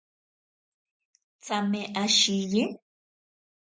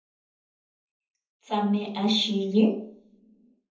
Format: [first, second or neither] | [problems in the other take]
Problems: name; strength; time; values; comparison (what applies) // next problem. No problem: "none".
first | room echo; dies away in 0.7 s